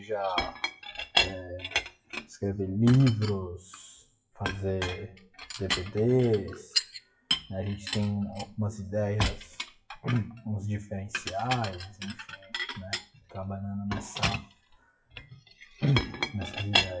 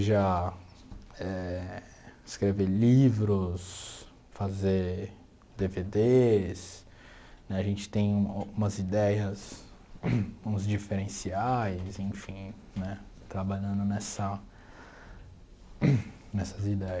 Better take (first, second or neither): second